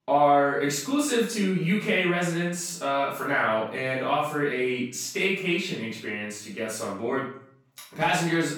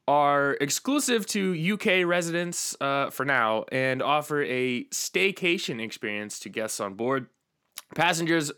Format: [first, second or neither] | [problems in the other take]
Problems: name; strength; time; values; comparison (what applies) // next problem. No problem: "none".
second | off-mic speech; far // room echo; noticeable; dies away in 0.5 s